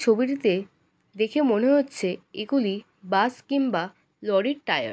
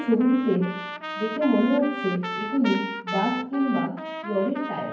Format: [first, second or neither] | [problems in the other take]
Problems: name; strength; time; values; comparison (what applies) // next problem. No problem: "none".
first | background sound (Trumpet); 9 dB below the speech // room echo; dies away in 0.9 s